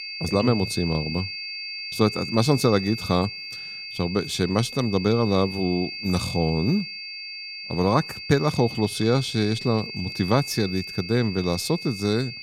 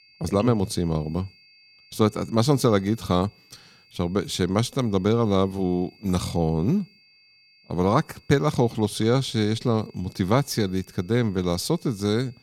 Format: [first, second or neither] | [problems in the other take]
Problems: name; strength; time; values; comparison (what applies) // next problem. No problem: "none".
second | high-pitched whine; loud; throughout; 4.5 kHz, 8 dB below the speech; faint in the second